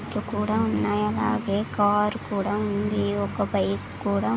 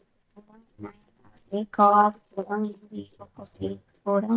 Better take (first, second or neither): first